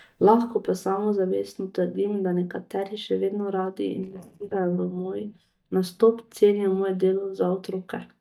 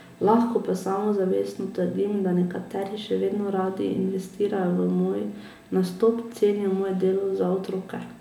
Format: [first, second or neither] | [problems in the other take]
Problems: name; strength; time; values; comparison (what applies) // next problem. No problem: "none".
second | noise reduction (neural mask model DeepFilterNet 3)